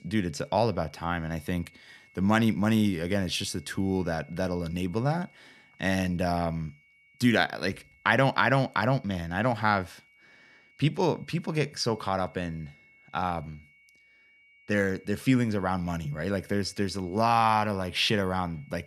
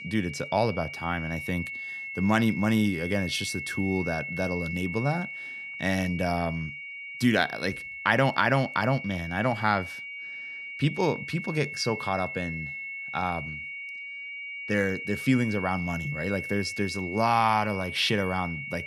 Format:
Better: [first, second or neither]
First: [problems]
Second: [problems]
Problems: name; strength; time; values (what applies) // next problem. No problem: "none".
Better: first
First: high-pitched whine; faint; throughout; 2 kHz, 30 dB below the speech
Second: high-pitched whine; loud; throughout; 2 kHz, 7 dB below the speech